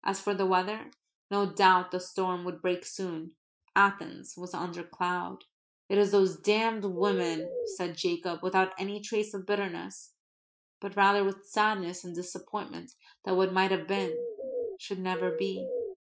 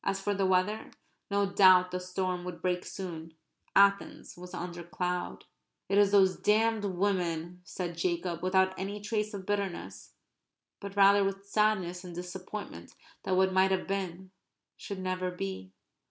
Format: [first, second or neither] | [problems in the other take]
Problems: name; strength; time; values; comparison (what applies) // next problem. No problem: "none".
second | noise reduction (classical method Wiener filter)